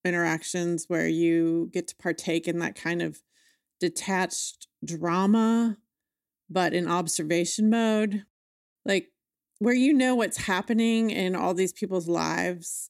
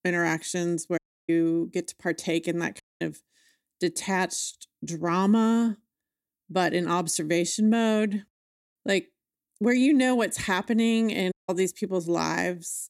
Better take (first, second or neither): first